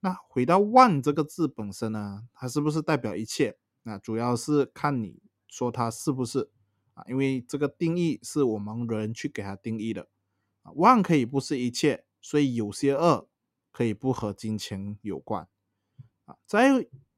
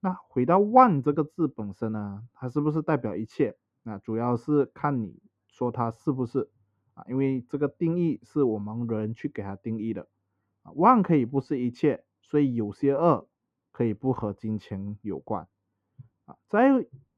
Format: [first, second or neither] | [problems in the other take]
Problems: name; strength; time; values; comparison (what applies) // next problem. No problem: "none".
first | muffled; very; fading above 3 kHz